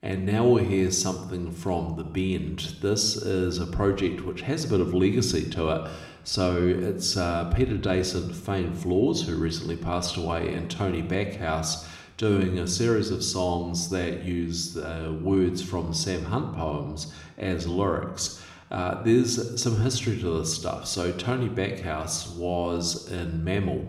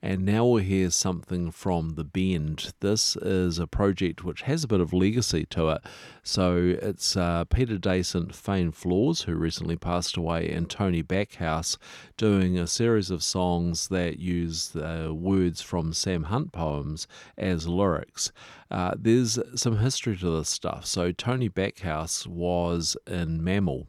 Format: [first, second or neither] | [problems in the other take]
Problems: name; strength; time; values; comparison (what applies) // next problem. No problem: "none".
second | room echo; slight; dies away in 0.7 s